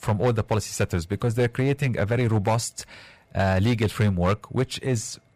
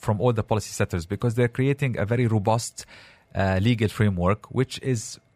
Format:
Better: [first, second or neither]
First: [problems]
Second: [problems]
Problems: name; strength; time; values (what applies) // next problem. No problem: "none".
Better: second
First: distortion; slight; 10% of the sound clipped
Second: none